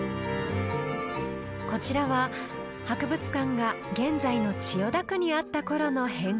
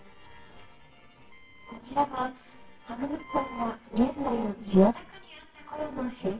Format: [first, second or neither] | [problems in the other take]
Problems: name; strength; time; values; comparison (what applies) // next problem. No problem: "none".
first | noise reduction (neural separator model SepFormer WHAMR!)